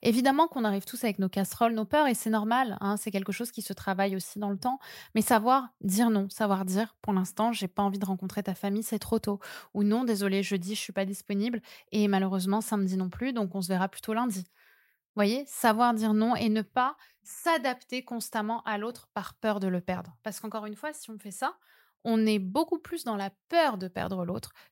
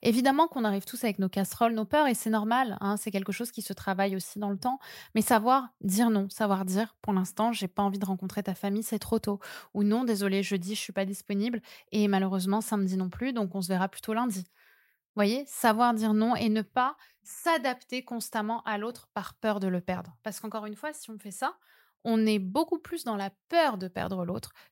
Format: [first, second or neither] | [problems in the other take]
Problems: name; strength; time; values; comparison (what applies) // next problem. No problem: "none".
neither | none